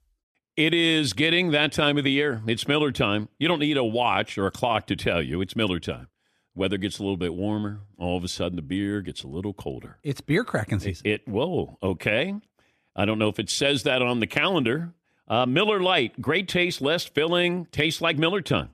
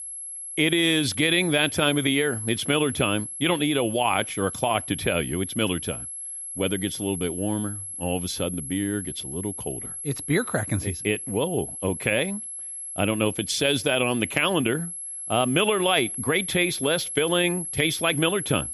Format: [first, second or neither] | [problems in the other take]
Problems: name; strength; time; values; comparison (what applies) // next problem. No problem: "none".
first | high-pitched whine; loud; throughout; 11 kHz, 7 dB below the speech